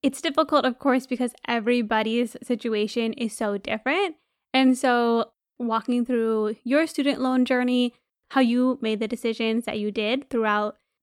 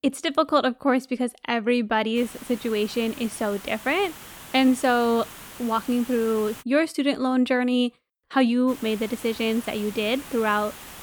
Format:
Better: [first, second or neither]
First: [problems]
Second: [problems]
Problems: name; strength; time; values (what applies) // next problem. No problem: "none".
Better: first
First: none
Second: hiss; noticeable; from 2 to 6.5 s and from 8.5 s on; 15 dB below the speech